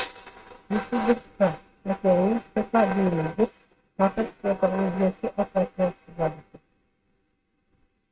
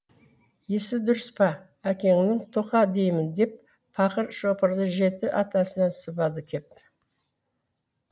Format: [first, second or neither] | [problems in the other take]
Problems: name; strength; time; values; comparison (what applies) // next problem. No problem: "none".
second | noise reduction (neural mask model RNNoise)